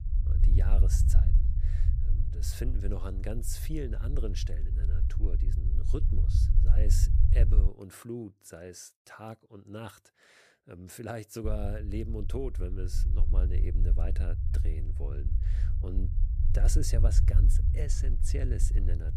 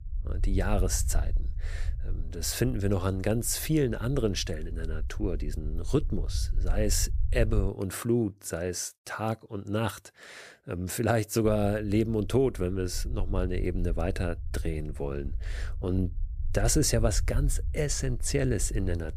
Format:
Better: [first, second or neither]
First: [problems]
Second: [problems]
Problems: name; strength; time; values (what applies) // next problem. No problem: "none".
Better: second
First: low rumble; loud; until 7.5 s and from 11 s on; 5 dB below the speech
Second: low rumble; faint; until 7.5 s and from 11 s on; 25 dB below the speech